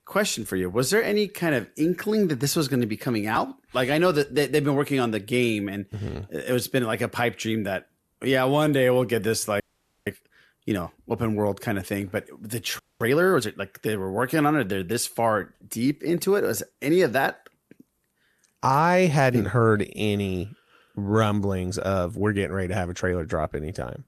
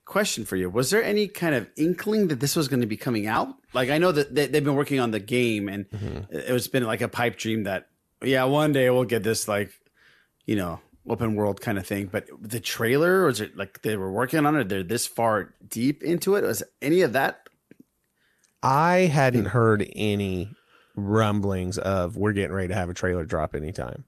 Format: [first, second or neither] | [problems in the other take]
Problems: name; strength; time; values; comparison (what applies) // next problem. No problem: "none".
second | audio freezing; at 9.5 s and at 13 s